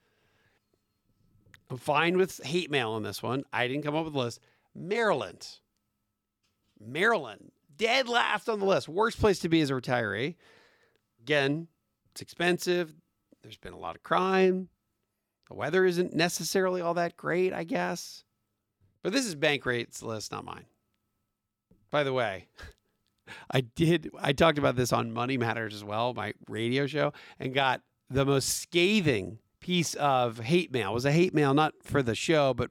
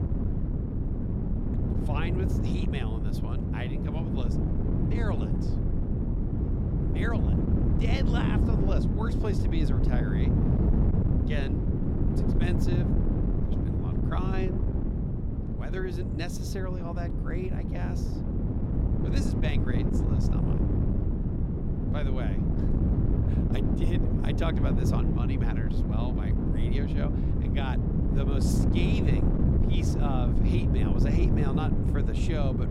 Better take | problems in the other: first | wind noise on the microphone; heavy; 2 dB above the speech

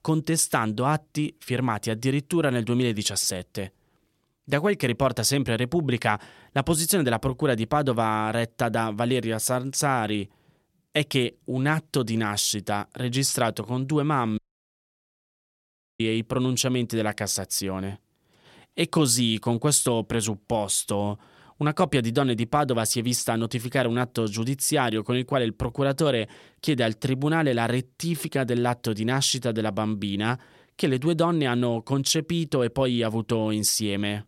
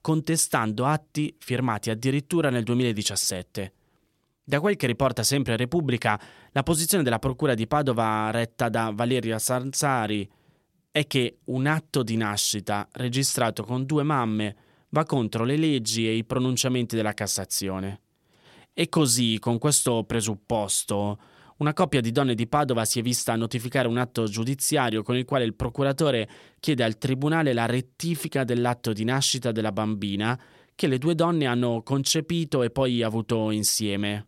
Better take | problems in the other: second | audio cutting out; at 14 s for 1.5 s

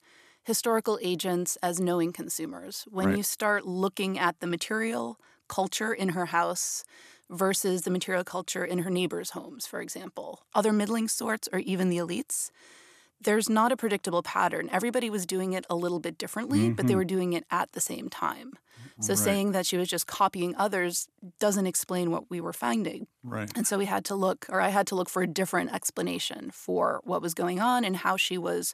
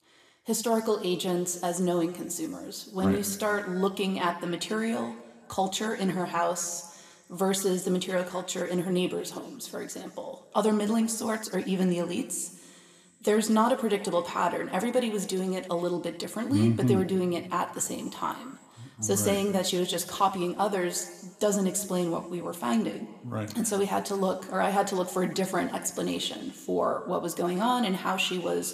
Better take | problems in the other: first | room echo; very slight; dies away in 1.2 s

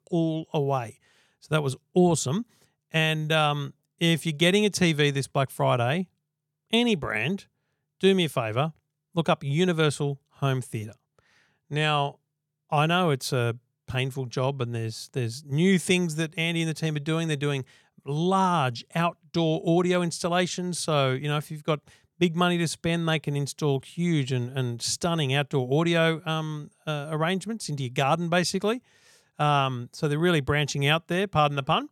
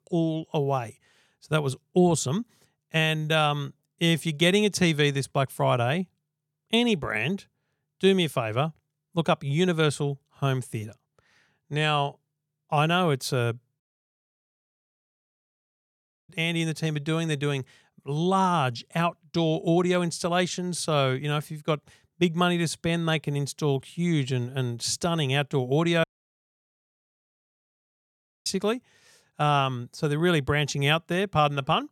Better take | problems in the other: first | audio cutting out; at 14 s for 2.5 s and at 26 s for 2.5 s

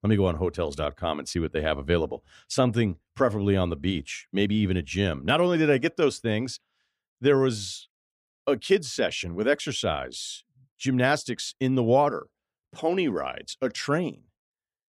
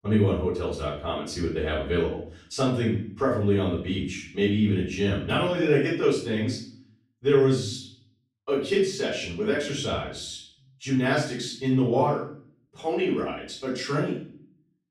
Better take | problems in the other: first | off-mic speech; far // room echo; noticeable; dies away in 0.5 s

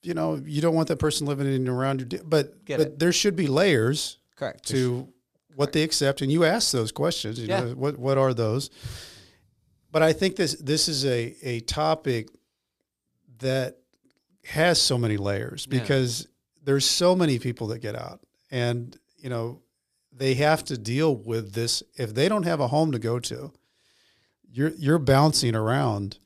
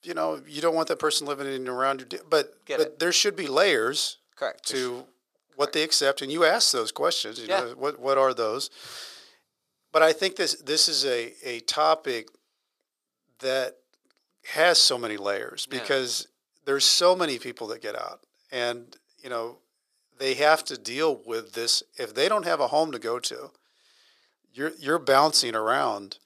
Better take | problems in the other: first | thin; very; fading below 550 Hz

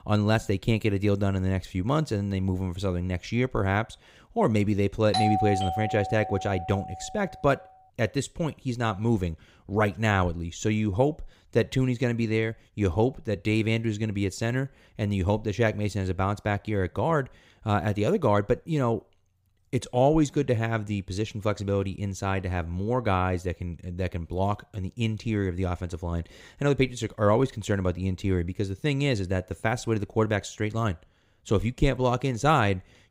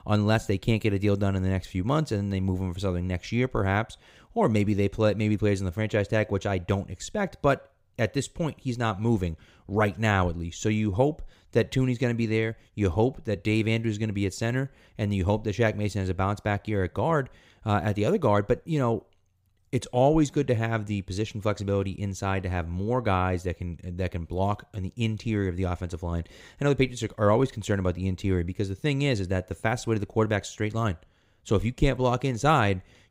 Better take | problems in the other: second | doorbell; loud; from 5 to 7 s; peak 1 dB above the speech

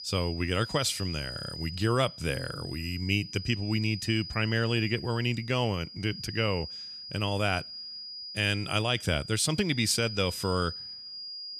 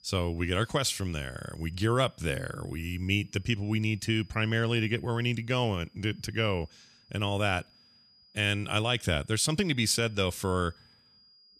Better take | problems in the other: second | high-pitched whine; loud; throughout; 5 kHz, 10 dB below the speech; faint in the second

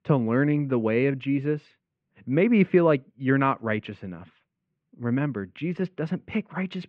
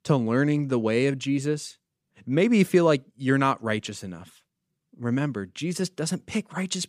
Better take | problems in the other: second | muffled; very; fading above 2.5 kHz

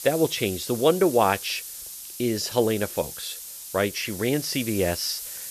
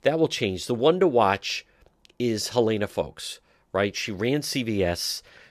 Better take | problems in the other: second | hiss; loud; throughout; 10 dB below the speech

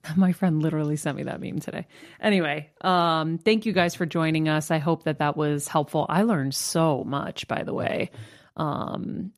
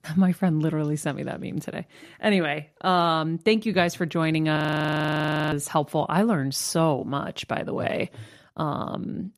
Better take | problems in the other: first | audio freezing; at 4.5 s for 1 s

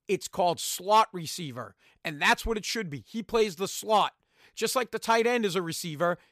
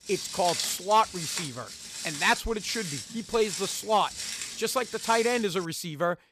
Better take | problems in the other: first | footsteps; noticeable; until 5.5 s; peak 2 dB below the speech

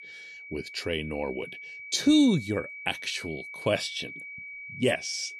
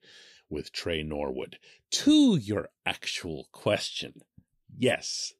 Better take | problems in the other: second | high-pitched whine; noticeable; throughout; 2.5 kHz, 10 dB below the speech

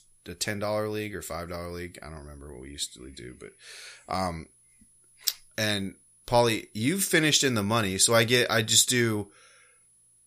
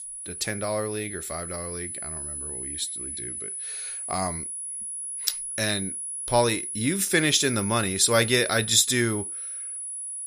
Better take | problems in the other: first | high-pitched whine; loud; throughout; 10.5 kHz, 6 dB below the speech; faint in the first

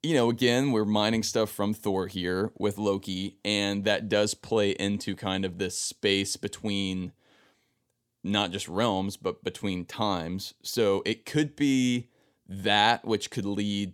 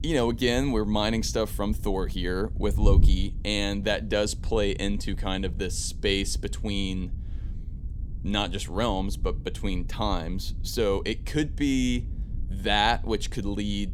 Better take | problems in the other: first | wind noise on the microphone; occasional gusts; 20 dB below the speech

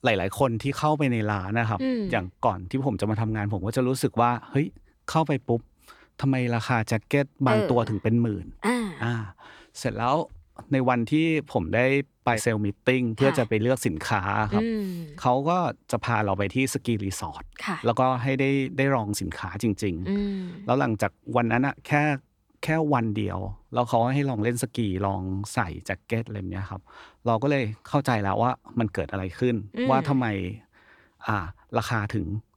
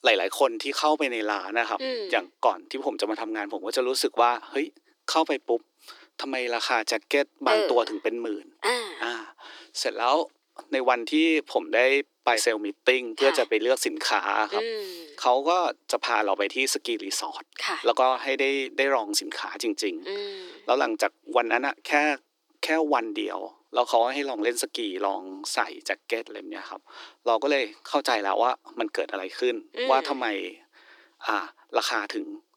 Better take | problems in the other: first | thin; very; fading below 300 Hz

